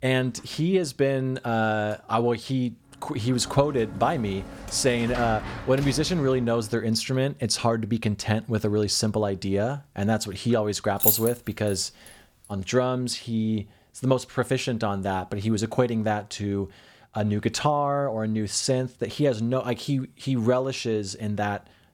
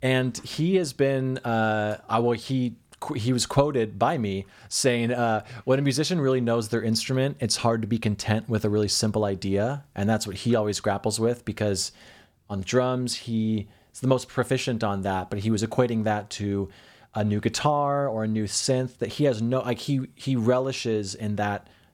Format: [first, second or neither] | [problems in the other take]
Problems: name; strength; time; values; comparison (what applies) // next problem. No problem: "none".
second | door banging; noticeable; from 3 to 6.5 s; peak 8 dB below the speech // jangling keys; loud; at 11 s; peak 5 dB above the speech